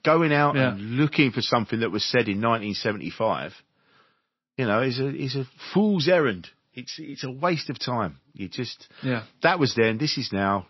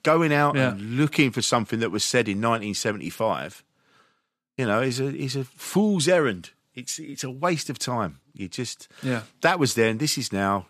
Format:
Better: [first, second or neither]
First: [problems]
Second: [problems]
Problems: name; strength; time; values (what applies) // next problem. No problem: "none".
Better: second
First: garbled, watery; slightly; nothing above 5.5 kHz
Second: none